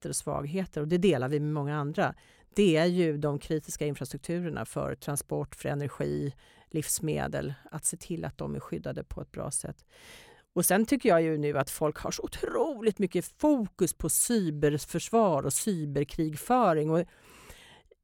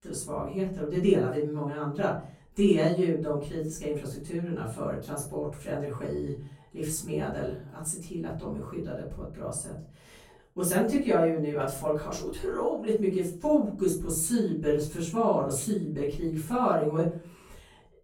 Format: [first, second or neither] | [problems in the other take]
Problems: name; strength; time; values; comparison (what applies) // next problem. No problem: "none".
first | off-mic speech; far // room echo; noticeable; dies away in 0.4 s